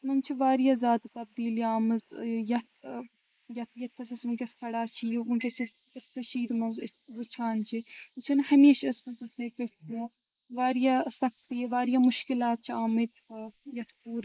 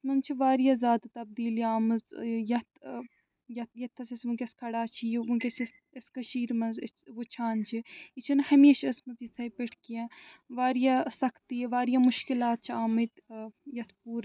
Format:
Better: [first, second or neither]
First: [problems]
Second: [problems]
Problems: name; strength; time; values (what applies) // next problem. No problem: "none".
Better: second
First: noise reduction (neural mask model Resemble Enhance denoiser)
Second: none